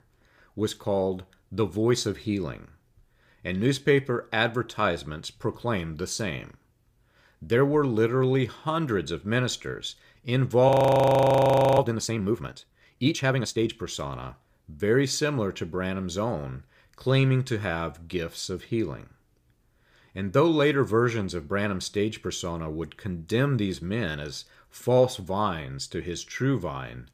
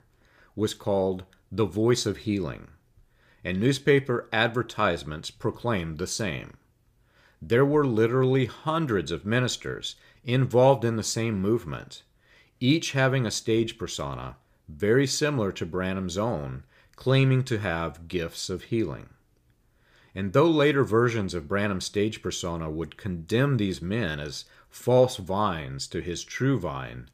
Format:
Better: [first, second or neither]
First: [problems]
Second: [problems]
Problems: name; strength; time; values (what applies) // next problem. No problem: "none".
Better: second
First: audio freezing; at 11 s for 1 s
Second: none